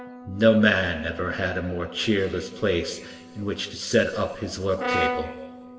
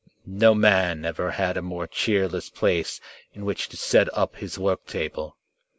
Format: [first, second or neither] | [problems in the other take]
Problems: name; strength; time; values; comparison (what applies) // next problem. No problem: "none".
second | background sound (Brass instrument); 10 dB below the speech // room echo; dies away in 1.8 s